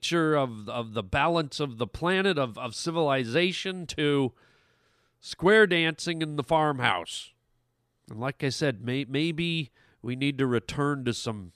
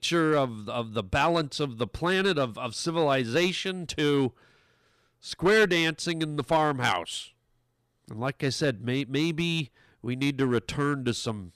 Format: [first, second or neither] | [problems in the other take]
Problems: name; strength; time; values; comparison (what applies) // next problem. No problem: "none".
first | distortion; slight; 3% of the sound clipped